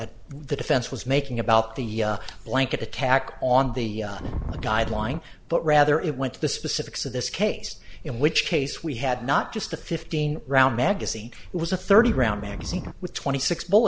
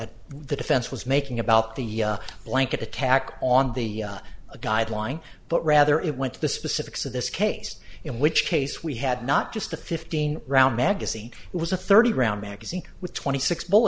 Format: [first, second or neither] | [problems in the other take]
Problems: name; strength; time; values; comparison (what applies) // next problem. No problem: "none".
second | background sound (Wind); 6 dB below the speech